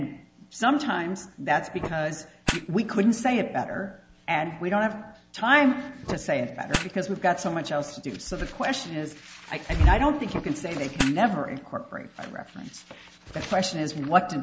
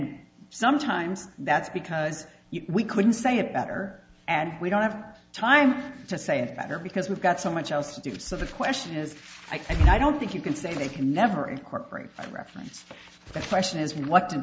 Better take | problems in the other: second | background sound (Fire); 13 dB below the speech

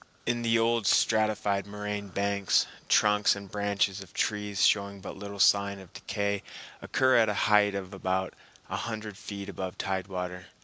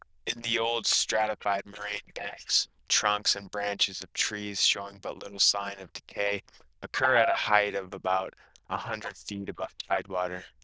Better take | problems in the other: first | noise reduction (neural diffusion model UNIVERSE++)

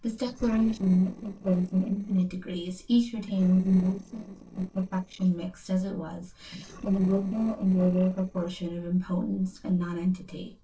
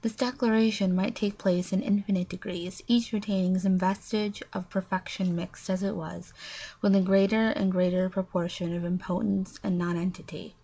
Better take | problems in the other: second | noise reduction (neural separator model SepFormer DNS4)

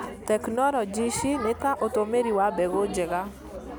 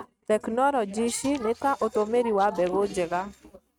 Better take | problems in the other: first | noise reduction (neural mask model RNNoise)

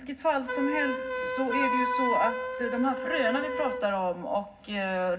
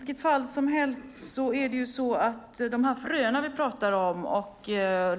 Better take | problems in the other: second | background sound (Wind instrument, woodwind instrument); 3 dB below the speech // room echo; dies away in 0.4 s

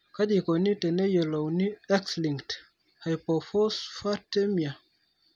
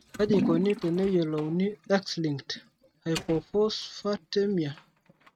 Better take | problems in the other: first | noise reduction (neural mask model RNNoise)

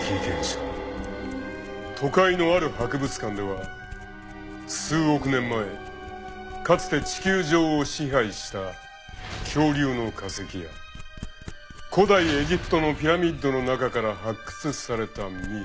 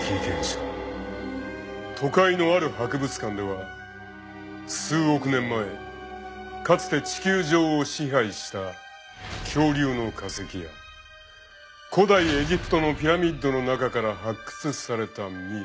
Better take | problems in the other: second | background sound (Domestic sounds, home sounds); 16 dB below the speech

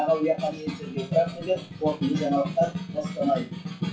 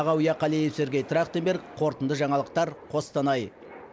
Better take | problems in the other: second | noise reduction (classical method WPE with log-MMSE)

